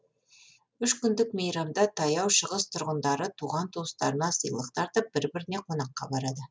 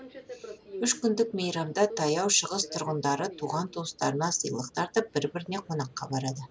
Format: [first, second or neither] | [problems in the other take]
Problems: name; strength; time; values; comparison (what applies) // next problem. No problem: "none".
first | background sound (Subway, metro, underground); 17 dB below the speech